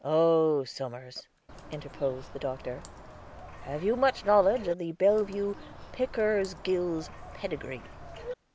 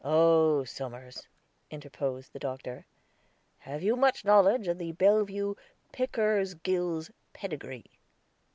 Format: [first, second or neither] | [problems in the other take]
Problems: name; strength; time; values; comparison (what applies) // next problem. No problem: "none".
second | background sound (Bird); 15 dB below the speech